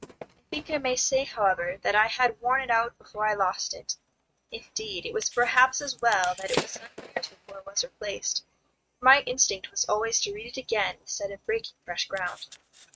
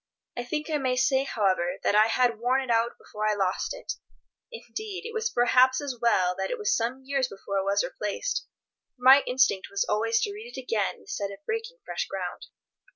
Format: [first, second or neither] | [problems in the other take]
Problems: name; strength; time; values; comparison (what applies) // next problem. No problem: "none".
second | noise reduction (neural mask model RNNoise)